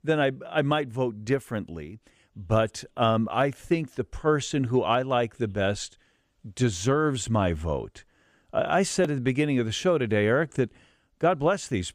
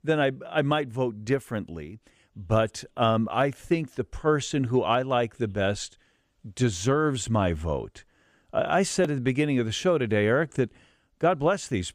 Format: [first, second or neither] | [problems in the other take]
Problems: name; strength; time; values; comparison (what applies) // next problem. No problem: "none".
neither | none